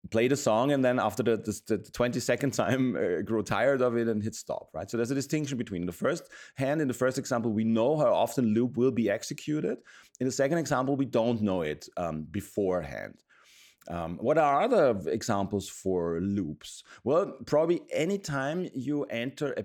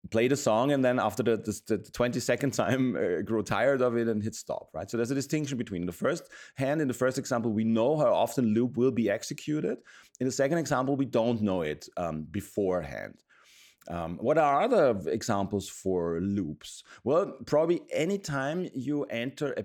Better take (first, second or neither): neither